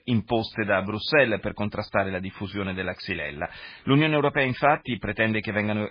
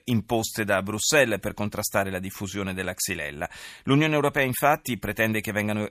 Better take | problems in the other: second | garbled, watery; badly; nothing above 4 kHz

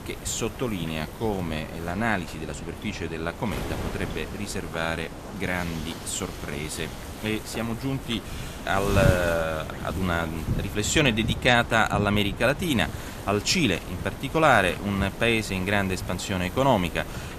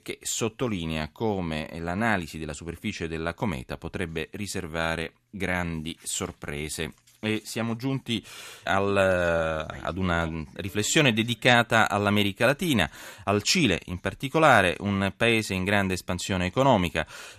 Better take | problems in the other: second | wind noise on the microphone; occasional gusts; 15 dB below the speech

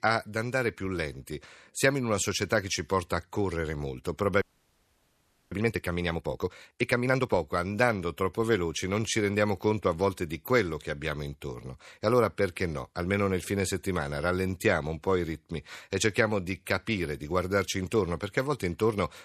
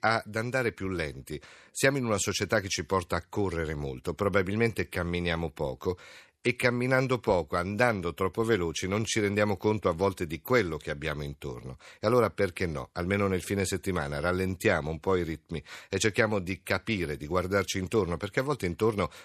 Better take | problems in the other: second | audio freezing; at 4.5 s for 1 s

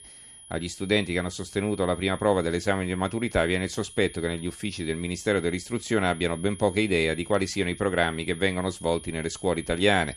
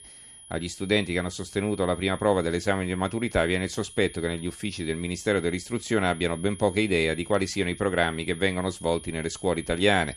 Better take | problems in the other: neither | high-pitched whine; noticeable; throughout; 10.5 kHz, 15 dB below the speech; the same in both

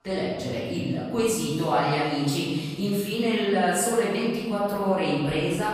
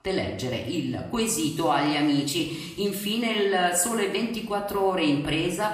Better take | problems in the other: second | room echo; strong; dies away in 1.6 s; slight in the second // off-mic speech; far; somewhat distant in the second

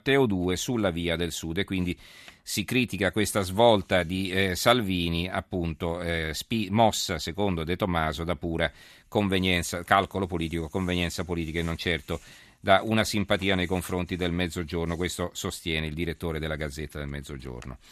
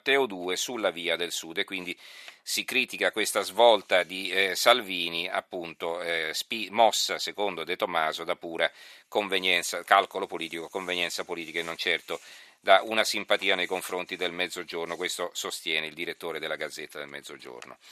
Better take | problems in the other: first | thin; very; fading below 550 Hz

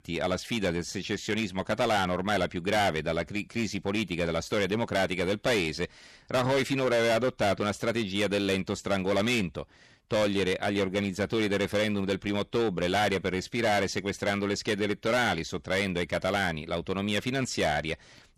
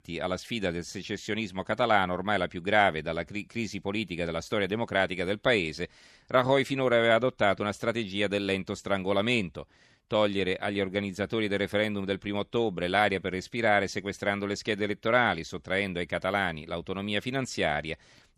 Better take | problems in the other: second | distortion; heavy; 11% of the sound clipped

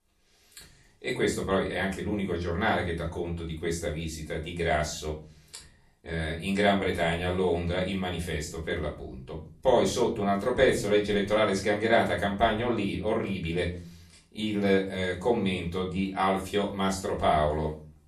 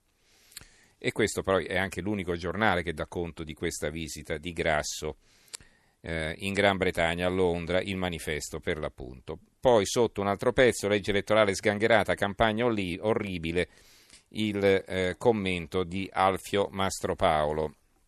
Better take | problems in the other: second | off-mic speech; far // room echo; slight; dies away in 0.5 s

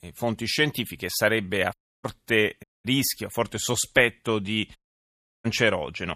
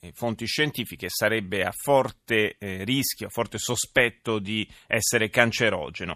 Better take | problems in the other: second | audio cutting out; at 1.5 s, at 2.5 s and at 5 s for 0.5 s

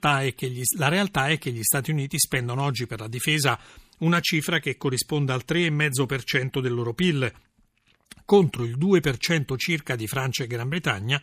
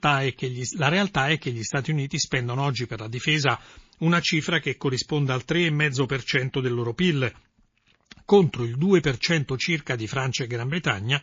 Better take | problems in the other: first | garbled, watery; slightly; nothing above 6.5 kHz

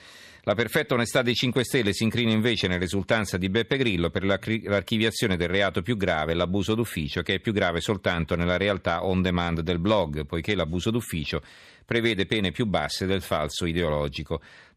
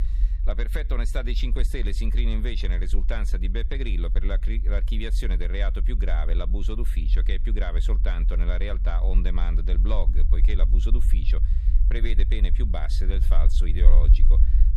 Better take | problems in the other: first | low rumble; noticeable; throughout; 10 dB below the speech

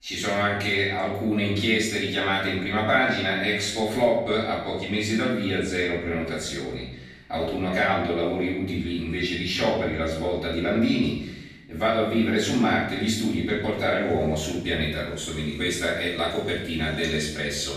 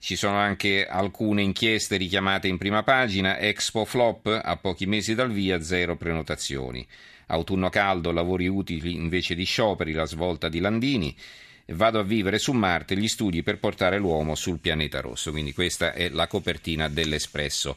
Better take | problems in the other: second | off-mic speech; far // room echo; noticeable; dies away in 0.7 s

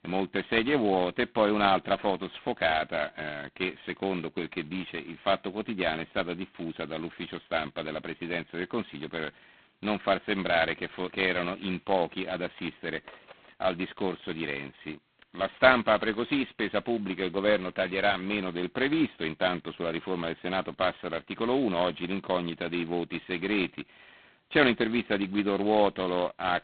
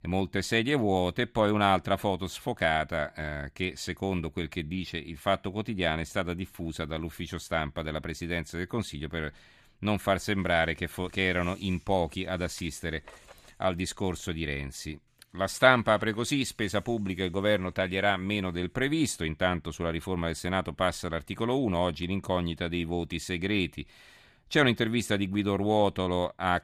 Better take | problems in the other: second | phone-call audio; poor line; nothing above 4 kHz

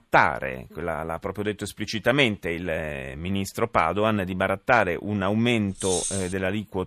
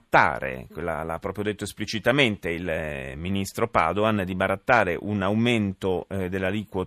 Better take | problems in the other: second | jangling keys; noticeable; at 6 s; peak 2 dB below the speech

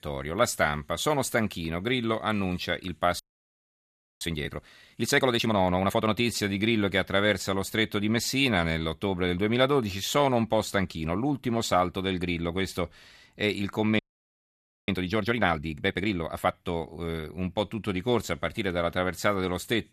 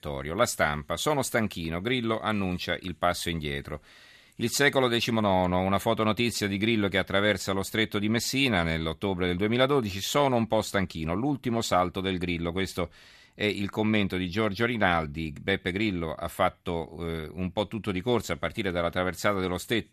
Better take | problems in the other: second | audio freezing; at 3 s for 1 s and at 14 s for 1 s

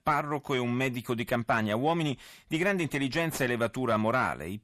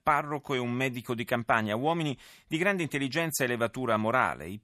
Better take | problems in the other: second | distortion; slight; 10 dB below the speech

